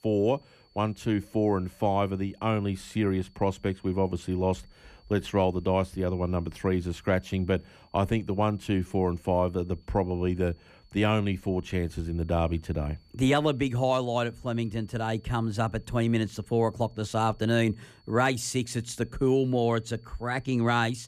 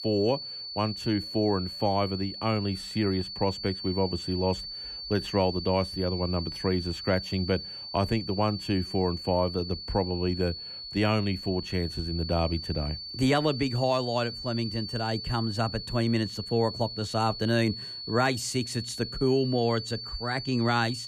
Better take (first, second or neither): first